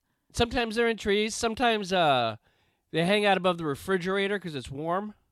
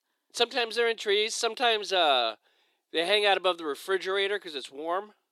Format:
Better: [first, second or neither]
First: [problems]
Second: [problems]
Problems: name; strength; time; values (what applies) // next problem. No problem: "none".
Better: first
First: none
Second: thin; somewhat; fading below 350 Hz